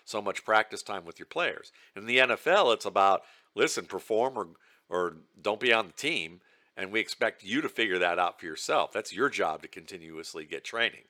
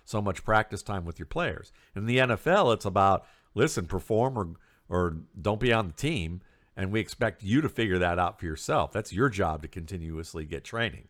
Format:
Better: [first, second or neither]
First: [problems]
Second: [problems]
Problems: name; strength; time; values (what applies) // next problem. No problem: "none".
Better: second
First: thin; somewhat; fading below 400 Hz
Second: none